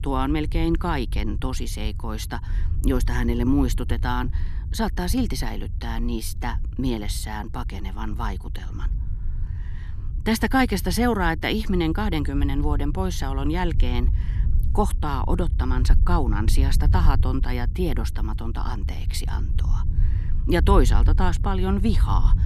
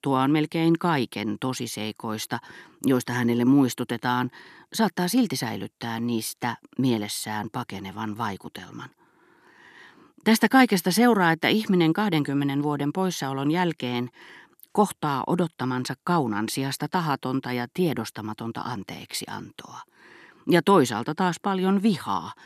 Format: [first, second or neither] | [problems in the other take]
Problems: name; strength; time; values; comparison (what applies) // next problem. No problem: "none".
second | low rumble; noticeable; throughout; 15 dB below the speech